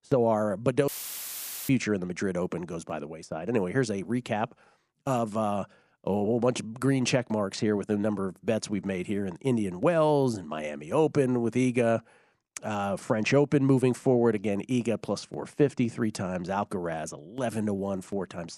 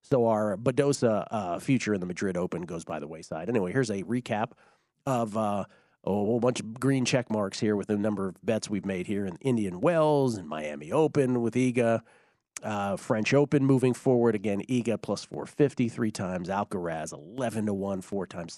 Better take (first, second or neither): second